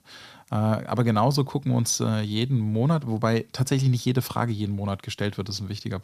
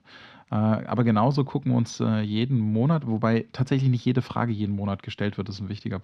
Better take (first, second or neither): first